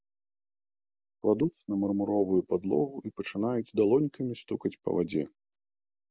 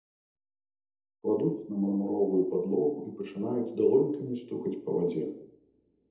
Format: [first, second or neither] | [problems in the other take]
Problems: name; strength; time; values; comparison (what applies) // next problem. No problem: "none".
first | room echo; dies away in 0.7 s